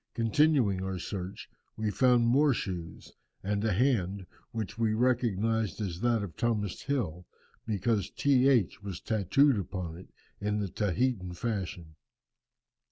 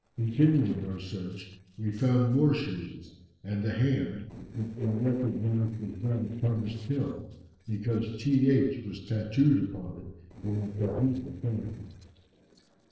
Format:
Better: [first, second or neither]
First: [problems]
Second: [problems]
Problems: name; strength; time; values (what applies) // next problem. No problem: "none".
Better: first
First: none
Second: noise reduction (neural separator model SepFormer DNS4)